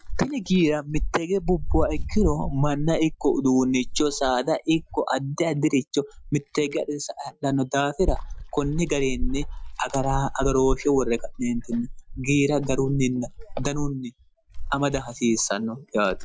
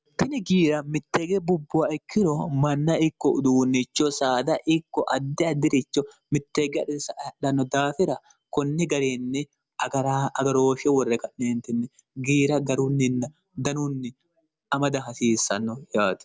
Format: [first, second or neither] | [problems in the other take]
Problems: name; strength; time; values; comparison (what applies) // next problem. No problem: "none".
second | noise reduction (classical method Wiener filter)